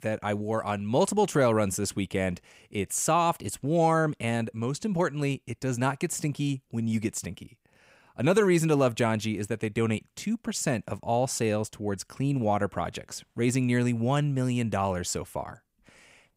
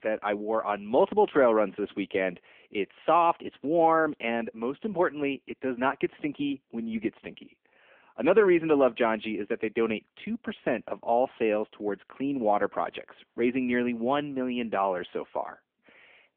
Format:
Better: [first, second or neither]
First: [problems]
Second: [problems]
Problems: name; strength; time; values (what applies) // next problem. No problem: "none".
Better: first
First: none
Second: phone-call audio